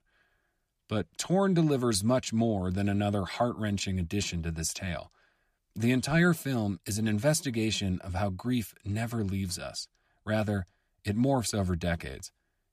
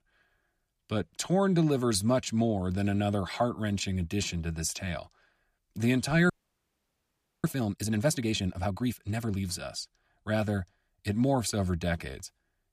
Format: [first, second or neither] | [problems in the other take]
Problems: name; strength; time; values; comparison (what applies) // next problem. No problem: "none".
first | audio freezing; at 6.5 s for 1 s